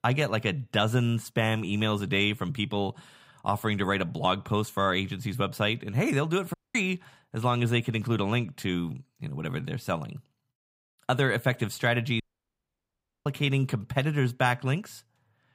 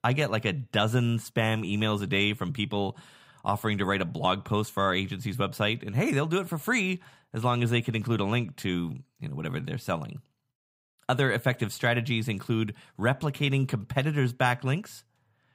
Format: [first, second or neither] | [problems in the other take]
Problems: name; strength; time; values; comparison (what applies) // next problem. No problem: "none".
second | audio cutting out; at 6.5 s and at 12 s for 1 s